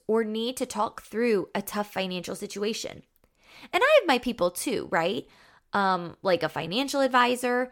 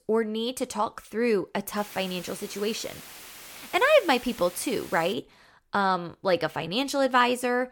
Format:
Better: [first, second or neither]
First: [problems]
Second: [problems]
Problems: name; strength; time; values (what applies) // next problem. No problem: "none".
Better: first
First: none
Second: hiss; noticeable; from 2 to 5 s; 15 dB below the speech